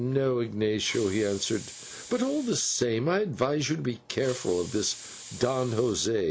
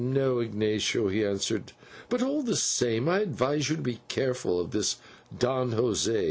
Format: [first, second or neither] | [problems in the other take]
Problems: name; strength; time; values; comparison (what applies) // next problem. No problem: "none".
second | background sound (Hiss); 16 dB below the speech